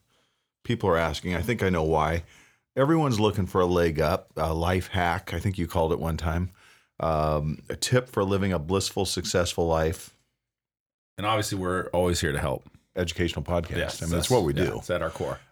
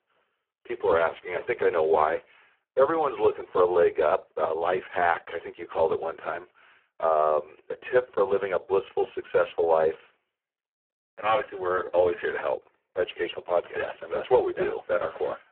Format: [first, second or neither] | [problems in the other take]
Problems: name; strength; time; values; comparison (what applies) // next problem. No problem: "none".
first | phone-call audio; poor line